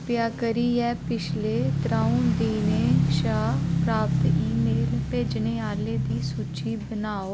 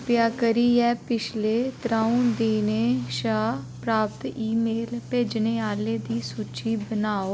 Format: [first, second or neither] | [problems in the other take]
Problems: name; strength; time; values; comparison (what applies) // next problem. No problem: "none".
second | background sound (Motorcycle / Engine); 2 dB above the speech